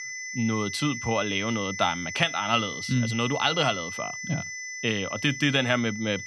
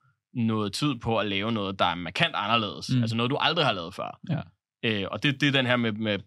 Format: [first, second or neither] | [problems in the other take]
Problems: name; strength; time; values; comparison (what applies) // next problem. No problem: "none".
second | high-pitched whine; loud; throughout; 2 kHz, 7 dB below the speech